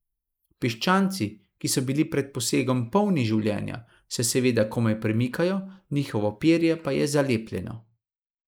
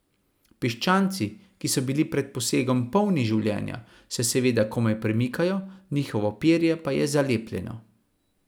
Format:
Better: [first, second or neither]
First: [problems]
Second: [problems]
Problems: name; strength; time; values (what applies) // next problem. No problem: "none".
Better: second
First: noise reduction (neural mask model Resemble Enhance denoiser)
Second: none